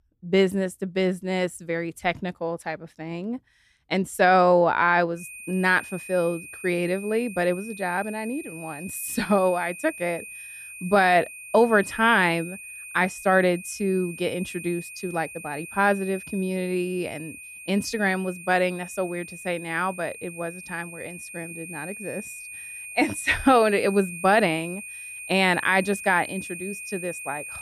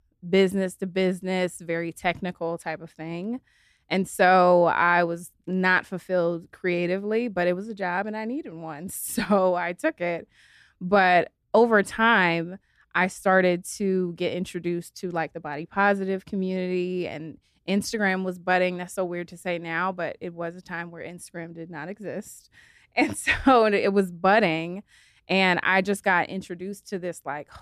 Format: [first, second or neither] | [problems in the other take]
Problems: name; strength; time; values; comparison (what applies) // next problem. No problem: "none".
second | high-pitched whine; noticeable; from 5 s on; 2.5 kHz, 15 dB below the speech